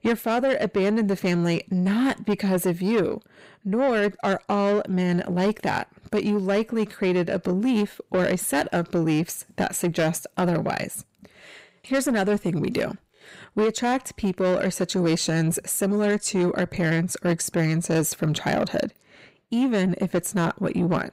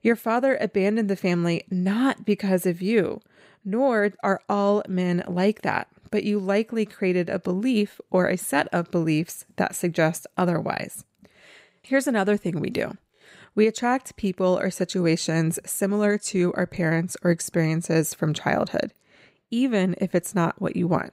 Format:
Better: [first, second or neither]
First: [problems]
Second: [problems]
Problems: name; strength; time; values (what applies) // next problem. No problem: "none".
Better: second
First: distortion; slight; 10 dB below the speech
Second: none